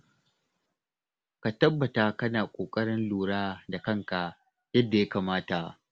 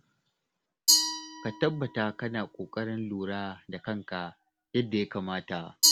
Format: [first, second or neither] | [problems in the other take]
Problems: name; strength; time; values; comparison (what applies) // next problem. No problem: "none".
first | background sound (Glass); 1 dB above the speech